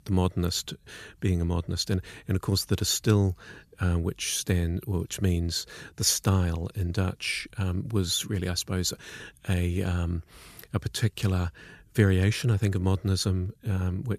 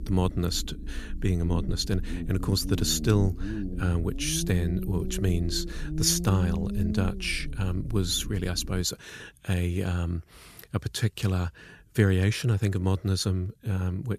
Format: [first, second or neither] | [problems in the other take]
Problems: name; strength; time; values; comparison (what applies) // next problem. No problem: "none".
first | low rumble; noticeable; until 9 s; 10 dB below the speech